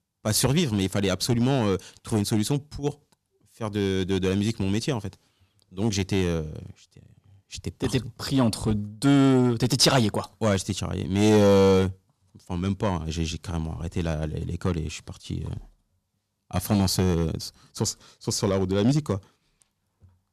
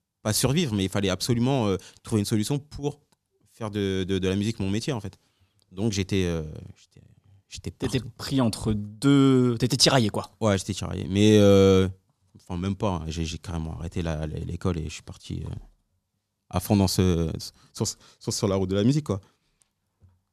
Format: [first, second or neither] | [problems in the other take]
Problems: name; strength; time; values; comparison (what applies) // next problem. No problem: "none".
second | distortion; slight; 3% of the sound clipped